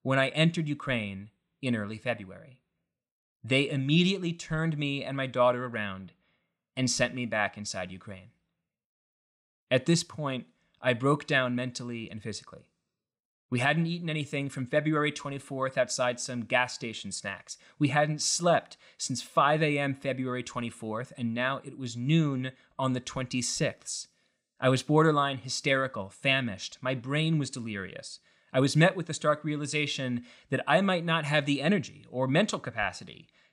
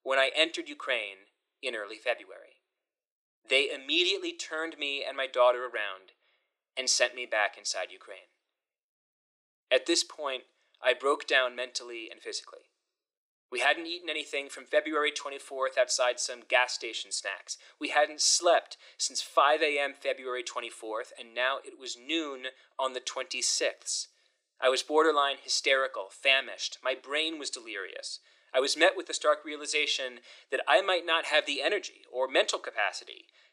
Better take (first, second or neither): first